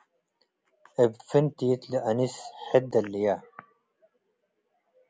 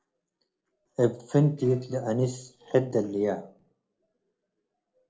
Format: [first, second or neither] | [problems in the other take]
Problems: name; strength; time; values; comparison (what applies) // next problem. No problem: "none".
first | noise reduction (neural separator model SepFormer DNS4)